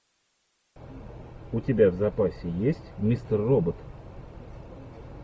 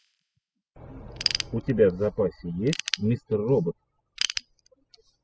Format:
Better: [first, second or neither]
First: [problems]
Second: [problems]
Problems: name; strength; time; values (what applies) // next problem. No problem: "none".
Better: first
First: none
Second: noise reduction (classical method spectral subtraction)